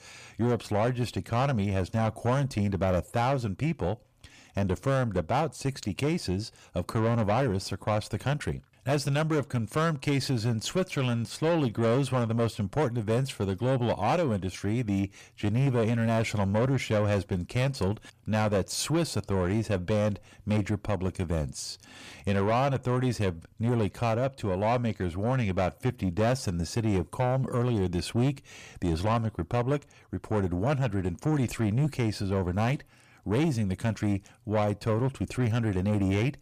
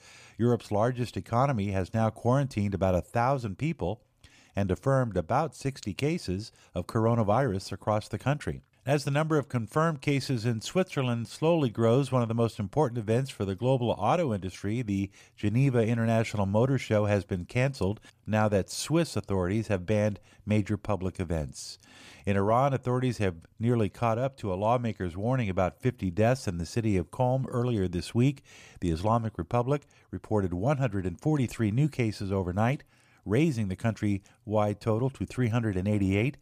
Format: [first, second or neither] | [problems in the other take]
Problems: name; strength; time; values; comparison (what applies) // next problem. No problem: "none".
second | distortion; slight; 10 dB below the speech